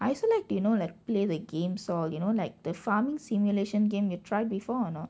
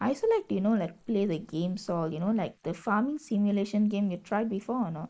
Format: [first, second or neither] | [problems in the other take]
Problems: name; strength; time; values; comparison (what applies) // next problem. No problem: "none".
first | noise reduction (neural mask model Resemble Enhance denoiser)